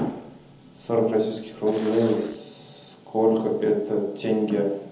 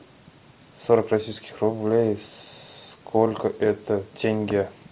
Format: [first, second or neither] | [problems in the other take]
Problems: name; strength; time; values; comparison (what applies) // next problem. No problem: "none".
second | background sound (Zipper (clothing)); 16 dB below the speech // room echo; dies away in 0.8 s